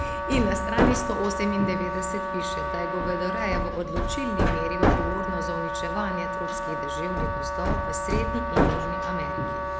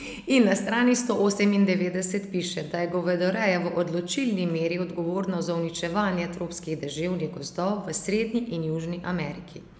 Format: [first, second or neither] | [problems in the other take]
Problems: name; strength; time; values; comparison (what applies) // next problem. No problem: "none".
second | background sound (Hammer + Wind instrument, woodwind instrument); 4 dB above the speech